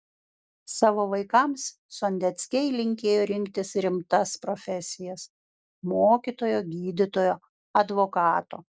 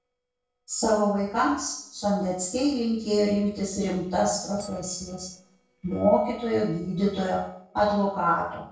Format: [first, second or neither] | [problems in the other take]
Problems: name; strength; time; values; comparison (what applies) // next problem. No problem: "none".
first | noise reduction (neural separator model SepFormer DNS4)